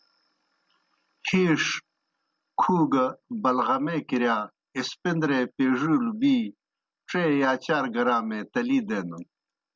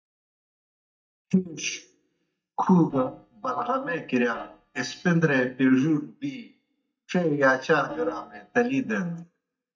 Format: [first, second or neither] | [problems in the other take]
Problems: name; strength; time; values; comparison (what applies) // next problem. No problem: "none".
first | noise reduction (neural mask model DeepFilterNet 3)